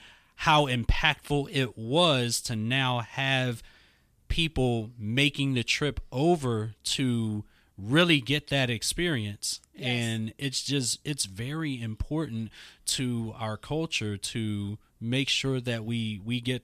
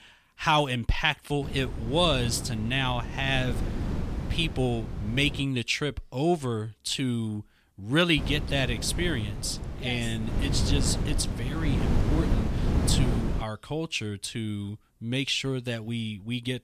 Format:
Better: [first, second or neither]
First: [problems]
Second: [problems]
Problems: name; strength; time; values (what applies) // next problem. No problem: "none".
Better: first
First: none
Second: wind noise on the microphone; heavy; from 1.5 to 5.5 s and from 8 to 13 s; 10 dB below the speech